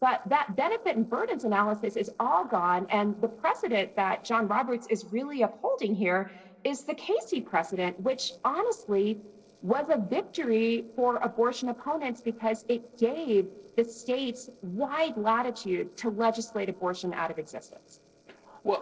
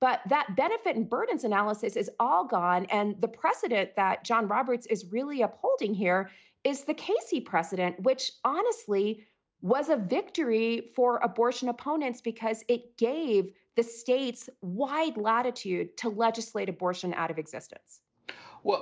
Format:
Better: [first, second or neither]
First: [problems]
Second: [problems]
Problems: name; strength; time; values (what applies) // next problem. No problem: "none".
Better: second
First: noise reduction (neural separator model SepFormer DNS4)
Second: none